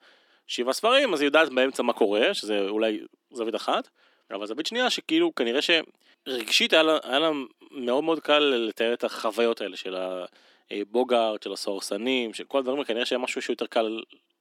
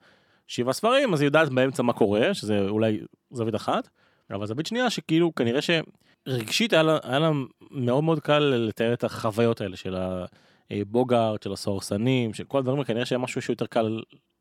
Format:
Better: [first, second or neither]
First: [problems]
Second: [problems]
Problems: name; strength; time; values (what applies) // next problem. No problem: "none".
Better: second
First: thin; very slightly; fading below 250 Hz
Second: none